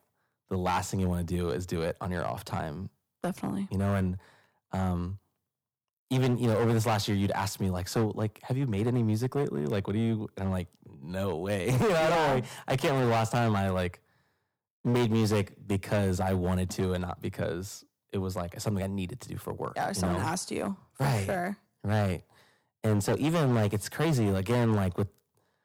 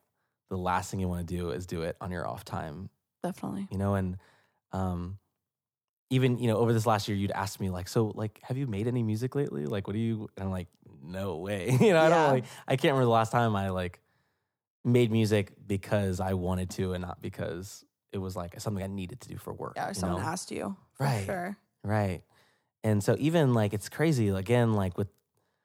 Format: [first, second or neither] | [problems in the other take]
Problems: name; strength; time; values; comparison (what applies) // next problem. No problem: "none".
second | distortion; heavy; 10% of the sound clipped